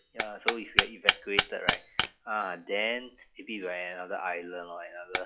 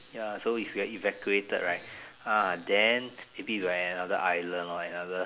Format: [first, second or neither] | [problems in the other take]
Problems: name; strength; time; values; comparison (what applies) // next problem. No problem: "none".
second | noise reduction (classical method log-MMSE)